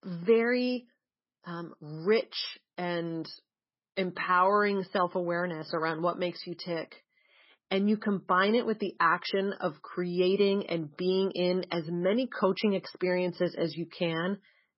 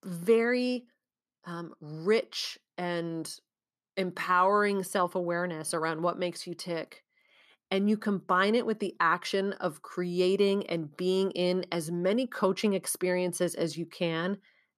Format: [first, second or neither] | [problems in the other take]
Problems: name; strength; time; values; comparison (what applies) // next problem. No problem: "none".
second | garbled, watery; badly; nothing above 5.5 kHz